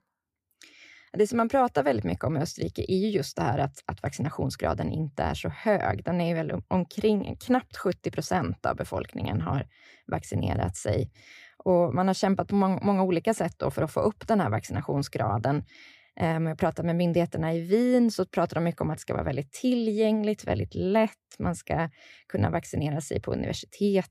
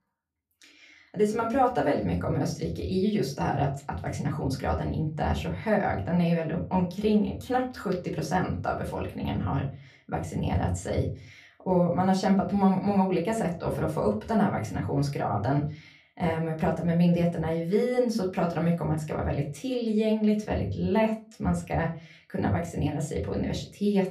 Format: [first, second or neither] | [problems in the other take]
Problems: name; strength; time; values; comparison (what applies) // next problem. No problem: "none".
first | off-mic speech; far // room echo; very slight; dies away in 0.3 s